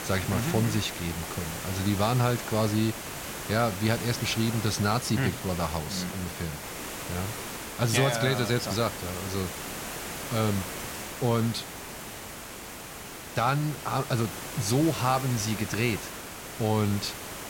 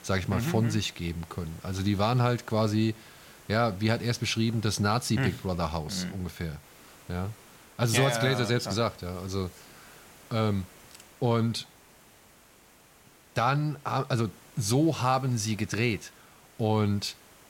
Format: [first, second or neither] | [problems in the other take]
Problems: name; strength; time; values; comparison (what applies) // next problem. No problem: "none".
second | hiss; loud; throughout; 8 dB below the speech; faint in the second